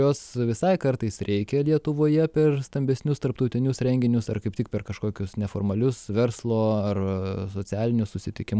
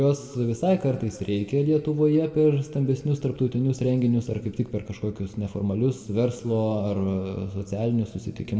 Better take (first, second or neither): first